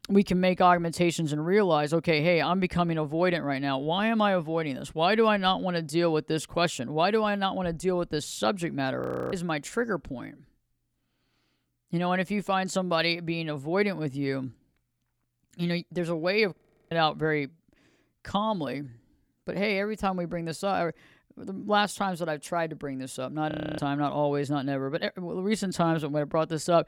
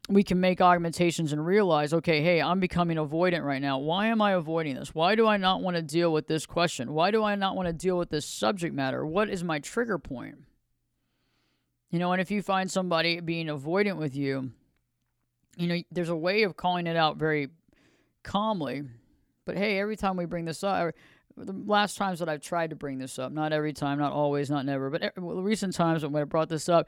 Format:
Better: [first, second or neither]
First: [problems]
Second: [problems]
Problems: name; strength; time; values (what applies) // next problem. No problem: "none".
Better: second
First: audio freezing; at 9 s, at 17 s and at 24 s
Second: none